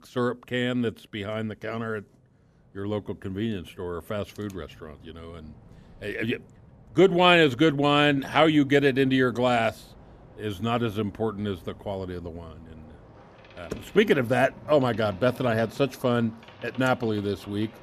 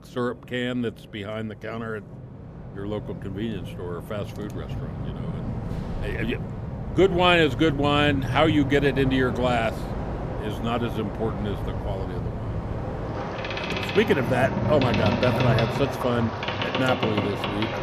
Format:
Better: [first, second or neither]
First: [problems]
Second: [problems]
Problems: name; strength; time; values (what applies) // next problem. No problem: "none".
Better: first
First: train or aircraft noise; faint; throughout; 25 dB below the speech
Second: train or aircraft noise; loud; throughout; 4 dB below the speech